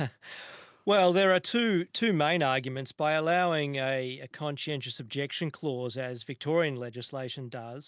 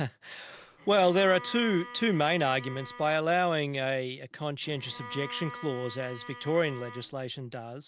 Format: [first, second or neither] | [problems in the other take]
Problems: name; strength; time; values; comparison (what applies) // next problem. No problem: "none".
first | background sound (Bowed string instrument); 16 dB below the speech